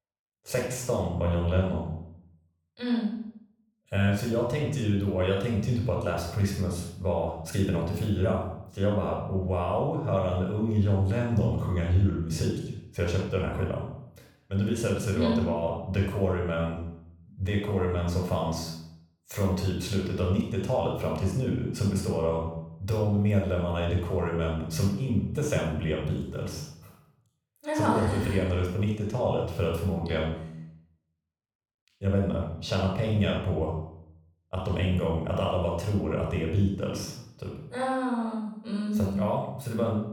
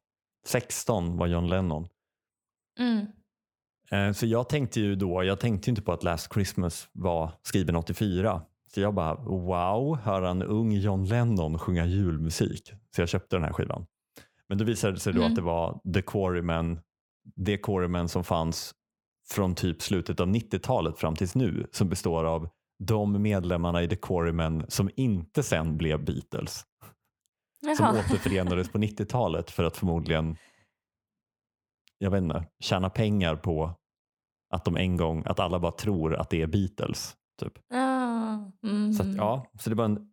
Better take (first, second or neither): second